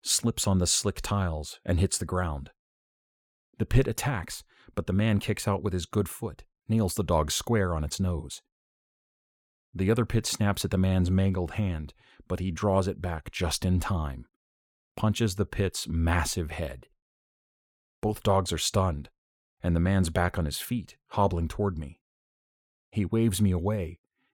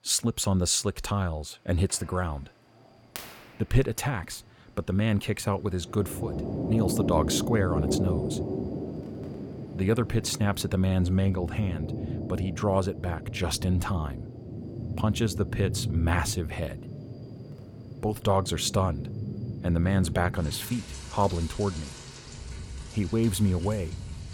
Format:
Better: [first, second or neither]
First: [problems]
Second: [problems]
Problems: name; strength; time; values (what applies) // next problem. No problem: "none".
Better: first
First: none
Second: rain or running water; loud; throughout; 7 dB below the speech